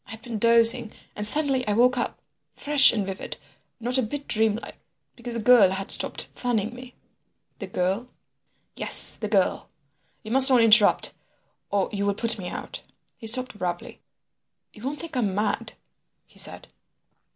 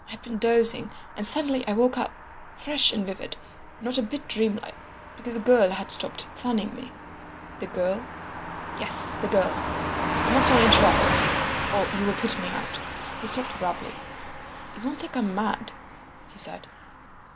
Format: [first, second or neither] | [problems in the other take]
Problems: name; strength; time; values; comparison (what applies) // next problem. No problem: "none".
first | background sound (Car passing by / Truck); 2 dB below the speech